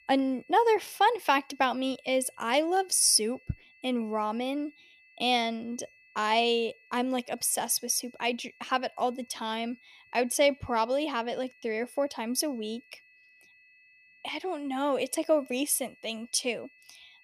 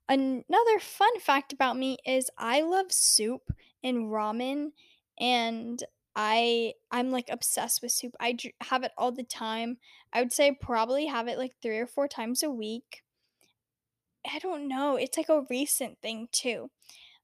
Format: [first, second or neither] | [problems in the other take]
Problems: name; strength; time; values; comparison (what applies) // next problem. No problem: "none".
second | high-pitched whine; faint; throughout; 2.5 kHz, 30 dB below the speech